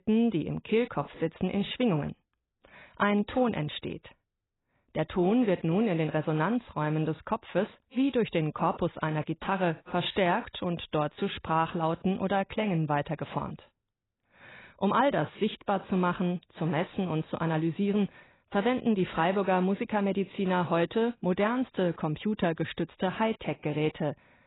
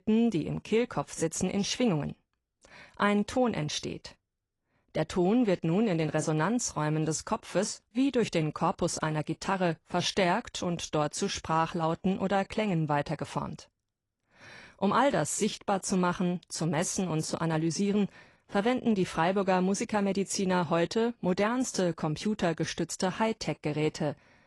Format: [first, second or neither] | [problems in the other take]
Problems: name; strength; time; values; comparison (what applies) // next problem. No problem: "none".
second | garbled, watery; badly; nothing above 4 kHz; slightly in the second